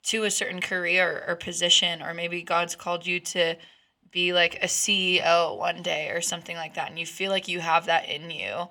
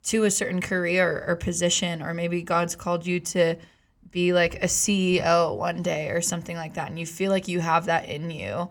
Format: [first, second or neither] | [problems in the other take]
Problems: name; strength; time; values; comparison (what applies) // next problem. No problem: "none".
second | thin; somewhat; fading below 750 Hz